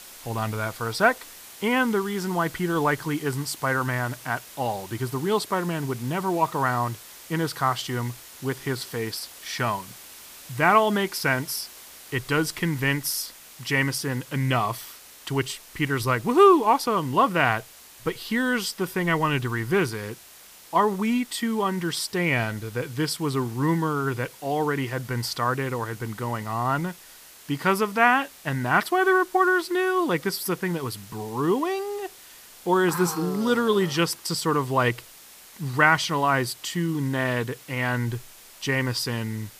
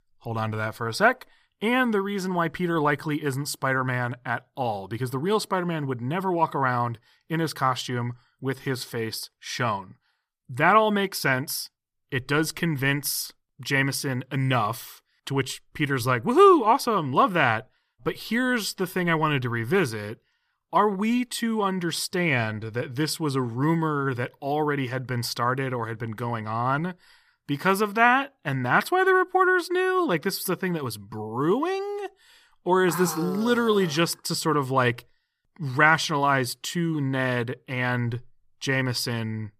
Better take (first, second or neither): second